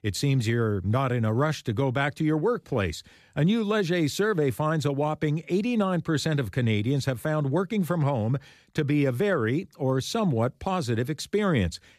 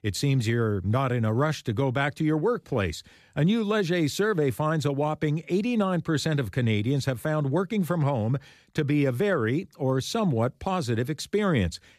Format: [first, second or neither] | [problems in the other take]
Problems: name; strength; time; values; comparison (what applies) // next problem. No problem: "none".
neither | none